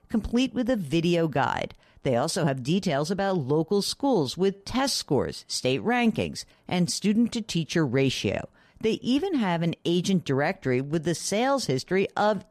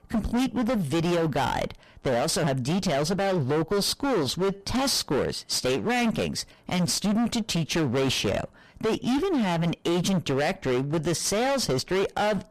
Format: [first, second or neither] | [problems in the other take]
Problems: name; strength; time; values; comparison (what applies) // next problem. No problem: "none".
first | distortion; heavy; 27% of the sound clipped